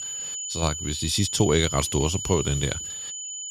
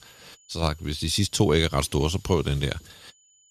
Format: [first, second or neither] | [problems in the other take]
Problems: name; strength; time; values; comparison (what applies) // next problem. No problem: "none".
second | high-pitched whine; loud; throughout; 7 kHz, 5 dB below the speech; faint in the second